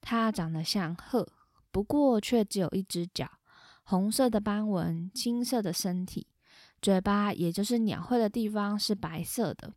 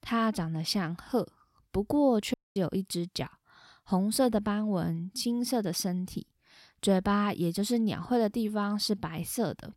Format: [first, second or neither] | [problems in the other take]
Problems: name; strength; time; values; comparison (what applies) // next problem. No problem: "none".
first | audio cutting out; at 2.5 s